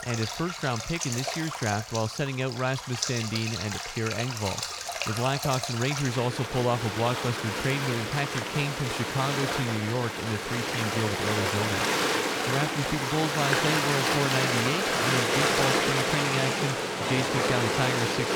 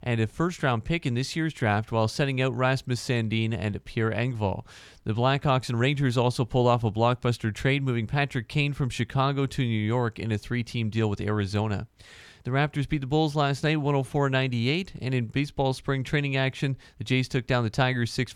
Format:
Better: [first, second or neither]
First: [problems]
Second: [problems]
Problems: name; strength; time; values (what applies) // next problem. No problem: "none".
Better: second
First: rain or running water; very loud; throughout; 2 dB above the speech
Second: none